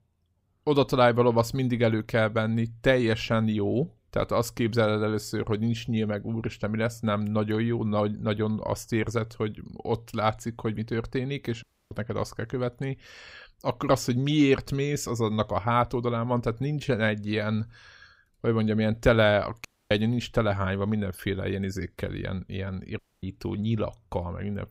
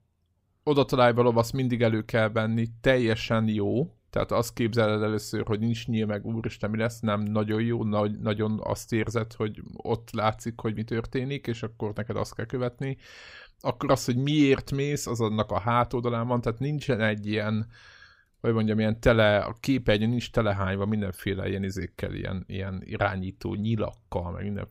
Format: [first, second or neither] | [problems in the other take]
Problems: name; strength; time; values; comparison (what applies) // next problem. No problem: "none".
second | audio cutting out; at 12 s, at 20 s and at 23 s